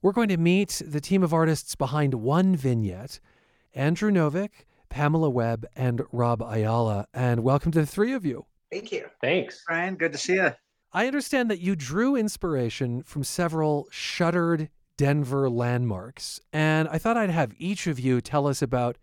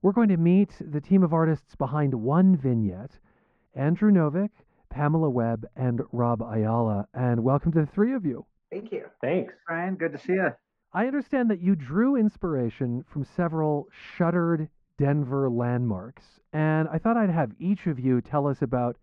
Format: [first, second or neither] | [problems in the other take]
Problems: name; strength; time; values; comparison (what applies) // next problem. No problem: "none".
first | muffled; very; fading above 1.5 kHz